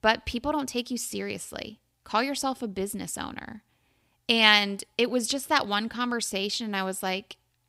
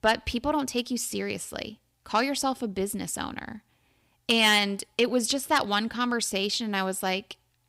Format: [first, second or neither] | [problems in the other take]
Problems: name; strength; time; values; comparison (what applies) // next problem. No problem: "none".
first | distortion; slight; 10 dB below the speech